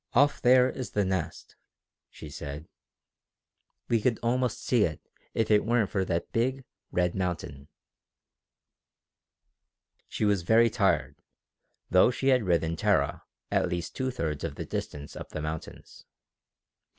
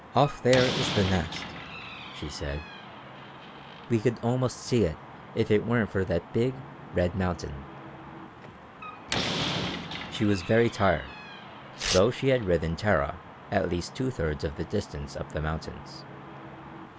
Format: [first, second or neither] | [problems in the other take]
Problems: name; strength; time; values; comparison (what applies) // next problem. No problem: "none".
first | background sound (Slam + Tearing); 9 dB below the speech